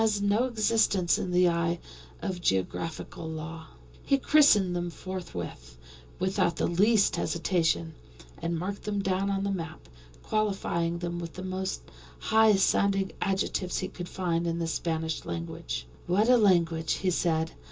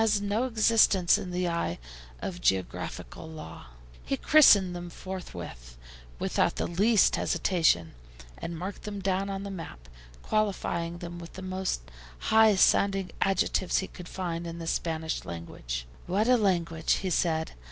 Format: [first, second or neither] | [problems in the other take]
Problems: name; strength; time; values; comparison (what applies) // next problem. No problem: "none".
second | room echo; dies away in 0.2 s